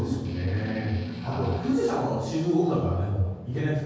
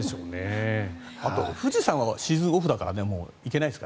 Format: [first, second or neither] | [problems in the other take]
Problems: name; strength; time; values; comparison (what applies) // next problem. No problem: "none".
second | background sound (Strum); 12 dB below the speech // room echo; dies away in 1.3 s